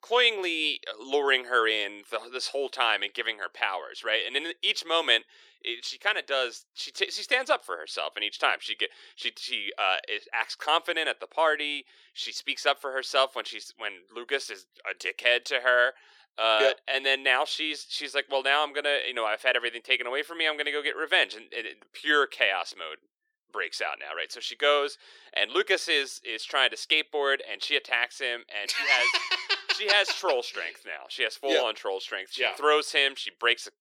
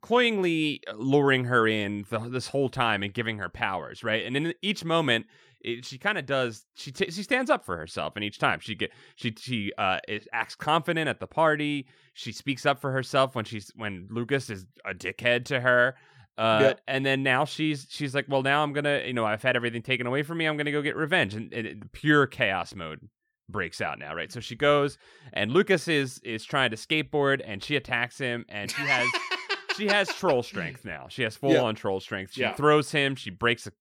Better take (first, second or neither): second